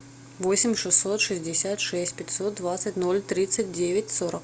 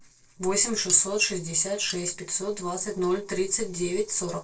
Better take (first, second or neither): first